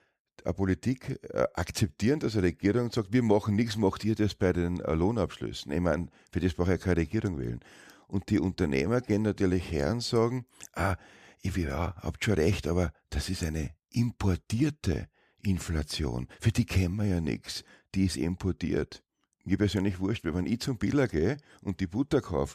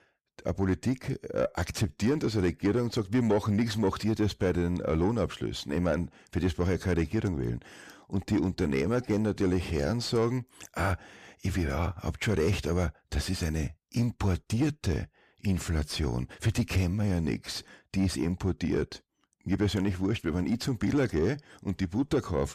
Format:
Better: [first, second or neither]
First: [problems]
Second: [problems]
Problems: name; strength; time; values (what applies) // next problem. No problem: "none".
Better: first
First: none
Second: distortion; slight; 10 dB below the speech